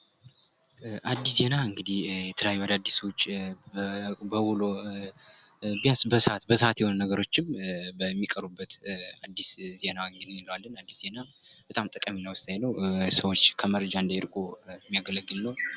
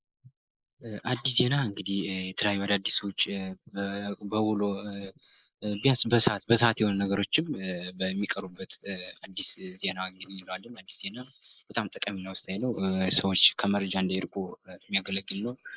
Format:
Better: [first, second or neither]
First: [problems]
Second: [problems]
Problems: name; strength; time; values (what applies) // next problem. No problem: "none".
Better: first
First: none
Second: noise reduction (neural mask model Resemble Enhance denoiser)